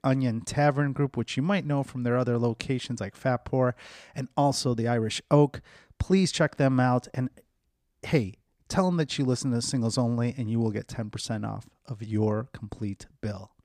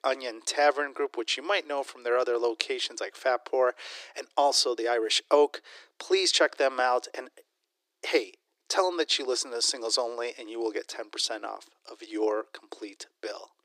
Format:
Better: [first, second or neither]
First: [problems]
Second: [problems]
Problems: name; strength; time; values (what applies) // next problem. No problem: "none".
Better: first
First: none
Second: thin; very; fading below 350 Hz